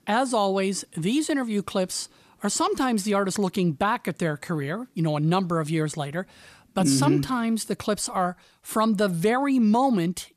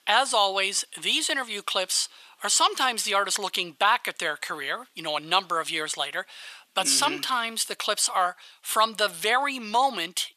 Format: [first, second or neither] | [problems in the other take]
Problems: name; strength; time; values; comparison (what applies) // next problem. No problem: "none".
first | thin; very; fading below 850 Hz